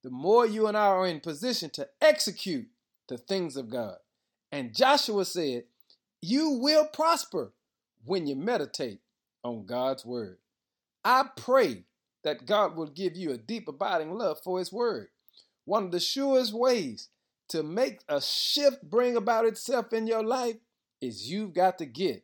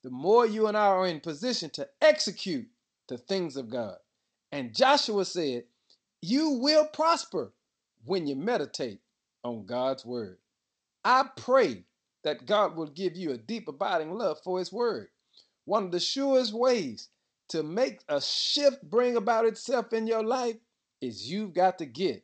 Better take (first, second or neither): first